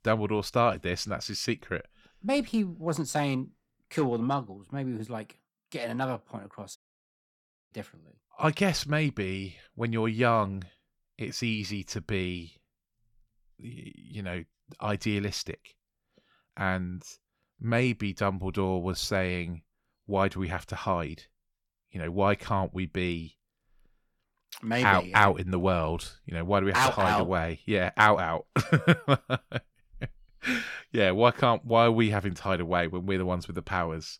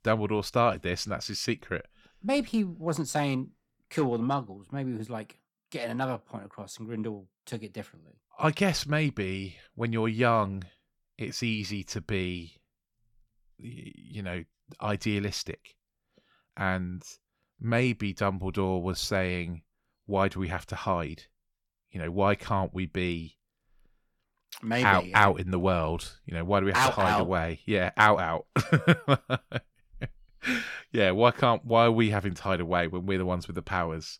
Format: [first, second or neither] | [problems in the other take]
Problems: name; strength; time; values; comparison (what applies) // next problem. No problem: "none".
second | audio cutting out; at 7 s for 1 s